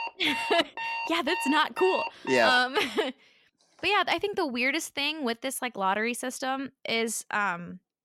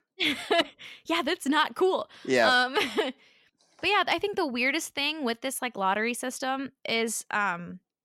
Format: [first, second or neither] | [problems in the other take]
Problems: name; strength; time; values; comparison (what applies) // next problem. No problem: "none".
second | alarms or sirens; loud; until 2.5 s; 5 dB below the speech